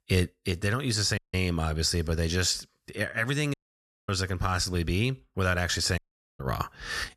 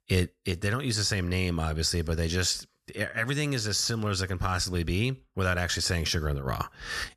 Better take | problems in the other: second | audio cutting out; at 1 s, at 3.5 s for 0.5 s and at 6 s

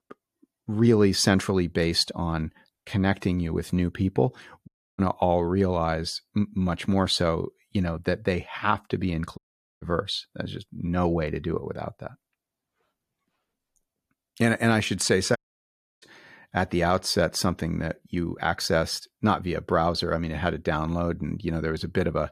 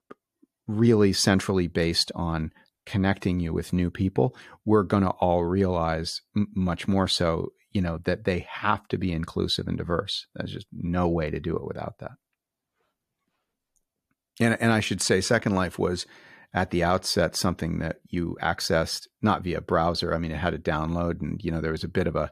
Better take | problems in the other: second | audio cutting out; at 4.5 s, at 9.5 s and at 15 s for 0.5 s

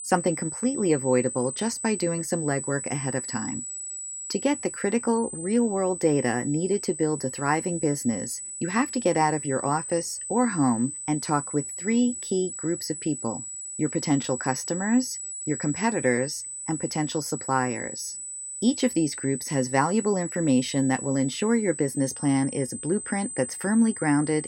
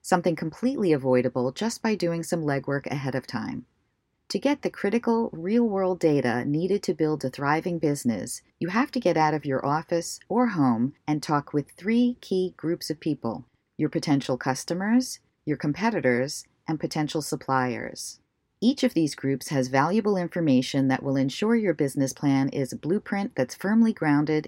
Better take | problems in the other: second | high-pitched whine; loud; throughout; 8 kHz, 7 dB below the speech

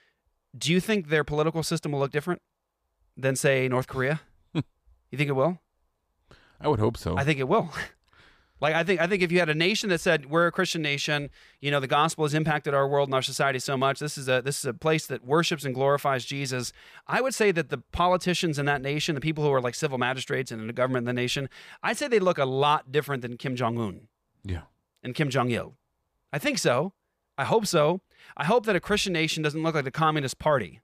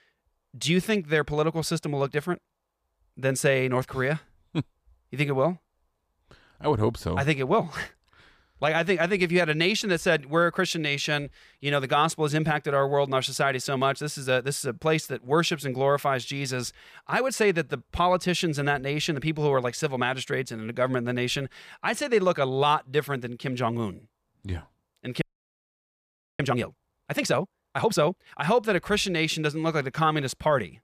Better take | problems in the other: first | audio freezing; at 25 s for 1 s

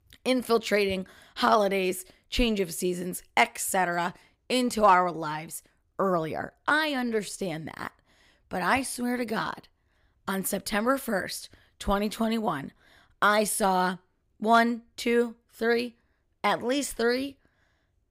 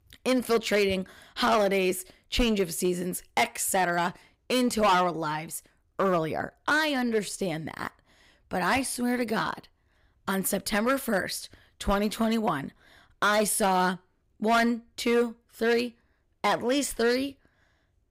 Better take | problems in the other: first | distortion; slight; 4% of the sound clipped

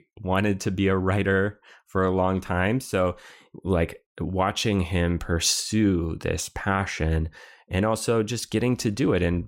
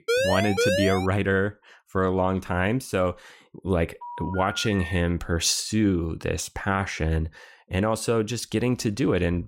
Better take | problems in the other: first | siren; loud; at the start; peak 2 dB above the speech // phone ringing; noticeable; from 4 to 5 s; peak 10 dB below the speech

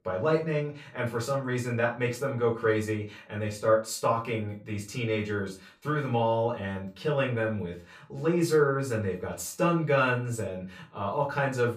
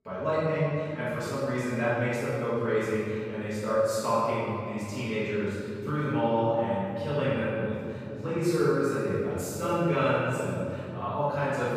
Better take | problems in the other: first | room echo; strong; dies away in 2.7 s; slight in the first // off-mic speech; far; far in the first

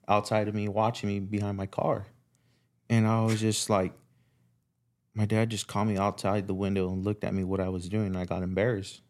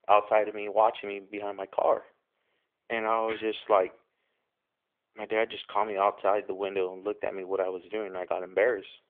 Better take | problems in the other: first | phone-call audio; nothing above 3.5 kHz

